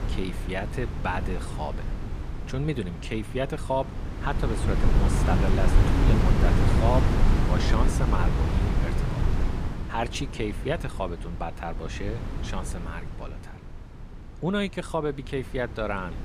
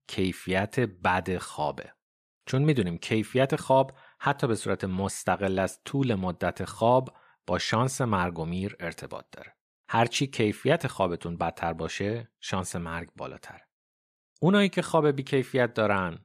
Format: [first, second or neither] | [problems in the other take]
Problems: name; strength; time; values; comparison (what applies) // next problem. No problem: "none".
second | wind noise on the microphone; heavy; 3 dB below the speech